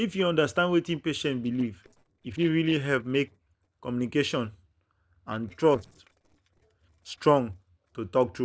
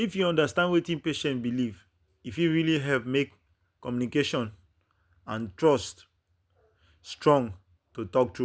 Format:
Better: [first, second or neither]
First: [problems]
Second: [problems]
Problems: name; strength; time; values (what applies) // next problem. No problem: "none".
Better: second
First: noise reduction (neural separator model SepFormer DNS4)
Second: none